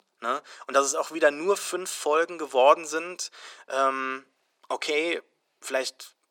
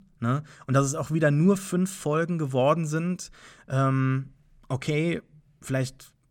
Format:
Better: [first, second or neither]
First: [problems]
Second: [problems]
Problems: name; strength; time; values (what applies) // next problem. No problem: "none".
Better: second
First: thin; very; fading below 350 Hz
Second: none